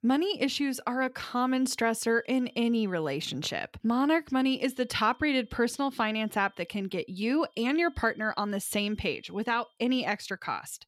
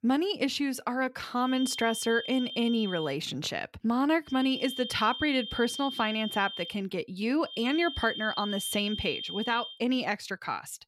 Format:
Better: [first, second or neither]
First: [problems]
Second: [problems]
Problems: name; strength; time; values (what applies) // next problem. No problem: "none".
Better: first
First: high-pitched whine; faint; from 1.5 to 3 s, from 4.5 to 6.5 s and from 7.5 to 9.5 s; 3 kHz, 35 dB below the speech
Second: high-pitched whine; loud; from 1.5 to 3 s, from 4.5 to 6.5 s and from 7.5 to 9.5 s; 3 kHz, 7 dB below the speech